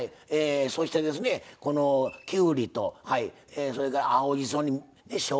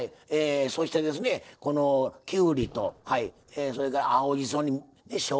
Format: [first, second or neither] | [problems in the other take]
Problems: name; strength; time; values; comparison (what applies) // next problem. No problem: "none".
first | noise reduction (neural separator model SepFormer DNS4)